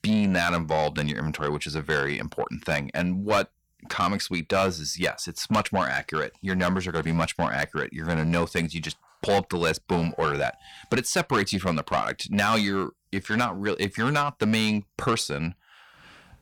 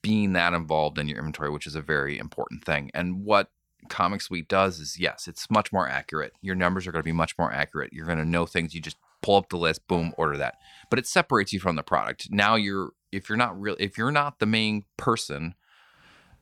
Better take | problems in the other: second | distortion; heavy; 8 dB below the speech

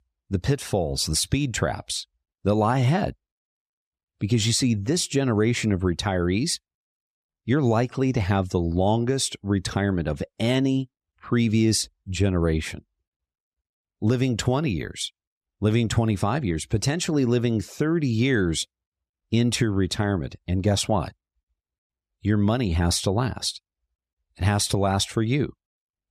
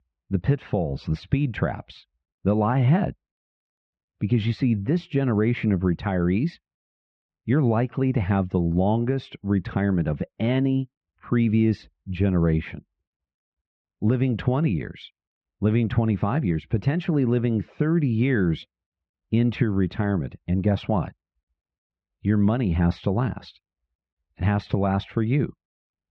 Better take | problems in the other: first | muffled; very; fading above 2.5 kHz

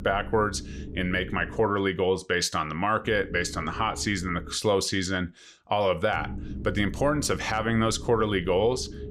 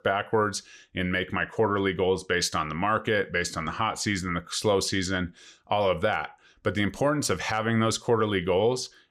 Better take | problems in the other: second | low rumble; faint; until 1.5 s, from 3 to 4.5 s and from 6 s on; 20 dB below the speech

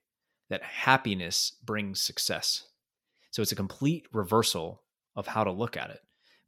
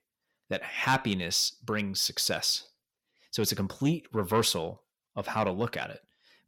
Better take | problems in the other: first | distortion; slight; 10 dB below the speech

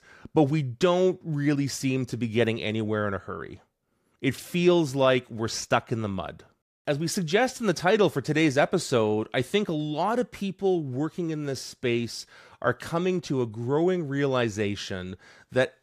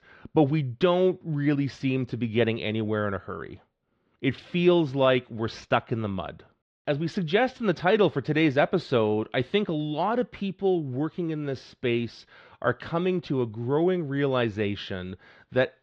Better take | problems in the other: first | muffled; slightly; fading above 3.5 kHz

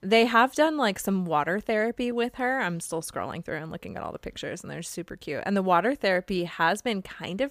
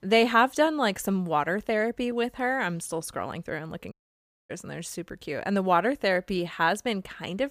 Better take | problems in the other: first | audio cutting out; at 4 s for 0.5 s

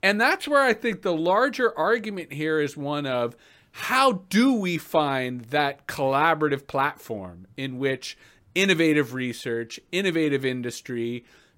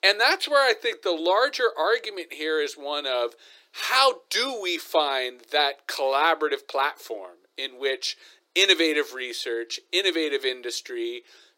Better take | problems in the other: first | thin; very; fading below 350 Hz

